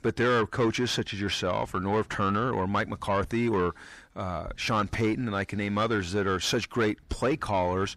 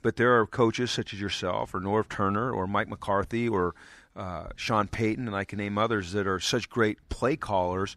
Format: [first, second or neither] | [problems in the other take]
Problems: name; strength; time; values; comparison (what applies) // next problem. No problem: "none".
second | distortion; slight; 10 dB below the speech